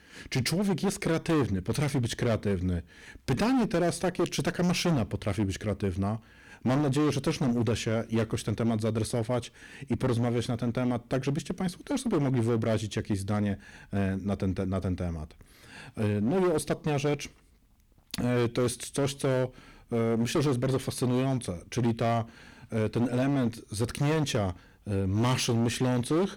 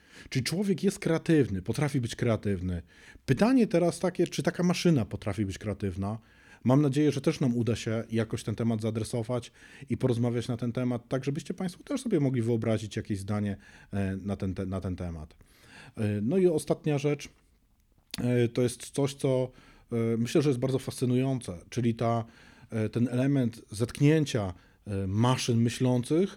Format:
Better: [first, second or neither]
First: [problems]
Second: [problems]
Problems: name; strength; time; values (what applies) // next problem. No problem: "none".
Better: second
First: distortion; heavy; 16% of the sound clipped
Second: none